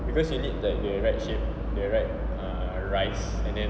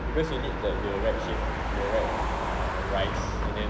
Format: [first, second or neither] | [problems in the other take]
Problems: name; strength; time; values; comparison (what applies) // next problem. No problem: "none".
first | background sound (Motor vehicle (road)); 4 dB below the speech